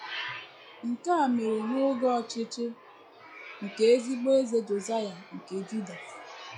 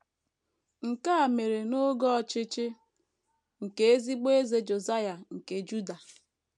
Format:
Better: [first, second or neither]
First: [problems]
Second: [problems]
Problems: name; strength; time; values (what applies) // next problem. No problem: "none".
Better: second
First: noise reduction (classical method log-MMSE)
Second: none